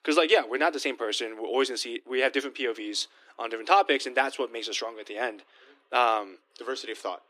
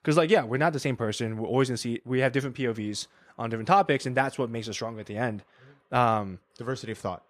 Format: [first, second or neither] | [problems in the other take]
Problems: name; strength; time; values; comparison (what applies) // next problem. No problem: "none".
second | thin; somewhat; fading below 300 Hz